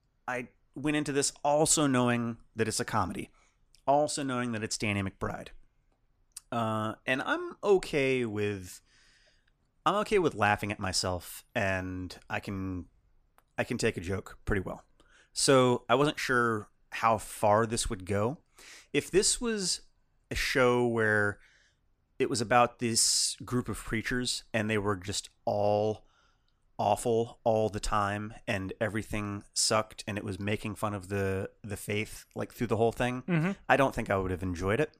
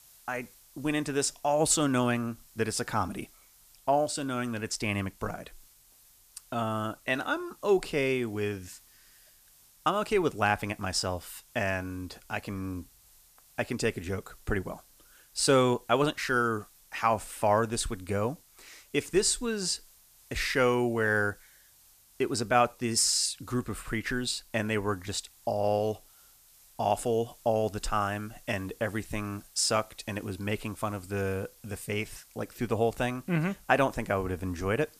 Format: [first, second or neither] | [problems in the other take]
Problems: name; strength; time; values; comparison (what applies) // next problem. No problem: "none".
first | hiss; faint; throughout; 25 dB below the speech